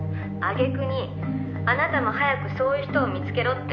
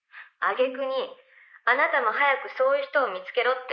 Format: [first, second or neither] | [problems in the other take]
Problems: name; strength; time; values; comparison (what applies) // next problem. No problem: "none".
first | noise reduction (neural mask model Resemble Enhance denoiser)